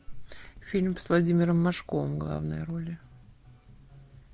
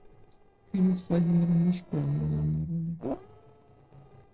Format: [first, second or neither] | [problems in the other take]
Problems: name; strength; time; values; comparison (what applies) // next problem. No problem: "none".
first | noise reduction (neural separator model SepFormer DNS4)